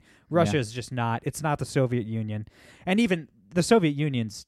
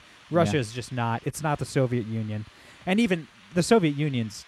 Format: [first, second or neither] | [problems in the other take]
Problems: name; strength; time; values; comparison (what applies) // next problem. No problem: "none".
first | hiss; faint; throughout; 25 dB below the speech